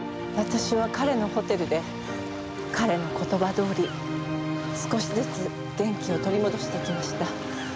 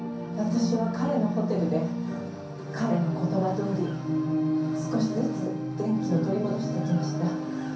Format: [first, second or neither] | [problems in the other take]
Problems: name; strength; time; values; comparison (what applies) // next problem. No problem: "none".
first | room echo; dies away in 0.6 s